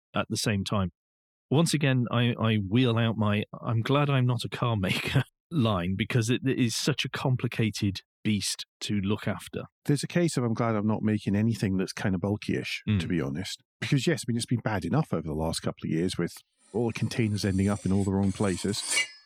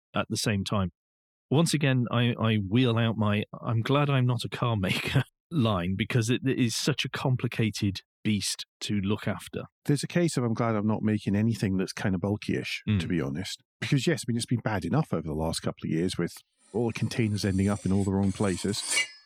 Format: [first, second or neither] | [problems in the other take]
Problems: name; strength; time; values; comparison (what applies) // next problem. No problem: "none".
neither | clattering dishes; loud; at 18 s; peak 1 dB above the speech; the same in both